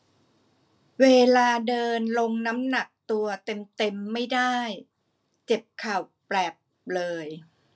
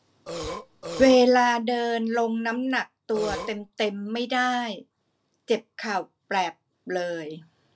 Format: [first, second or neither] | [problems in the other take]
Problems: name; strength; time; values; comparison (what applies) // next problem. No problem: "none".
first | background sound (Burping, eructation); 9 dB below the speech